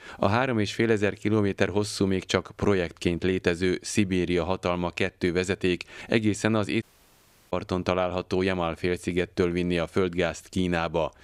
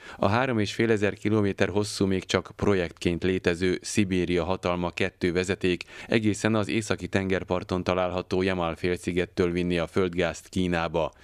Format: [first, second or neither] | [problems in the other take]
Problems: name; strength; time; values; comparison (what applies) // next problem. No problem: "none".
second | audio cutting out; at 7 s for 0.5 s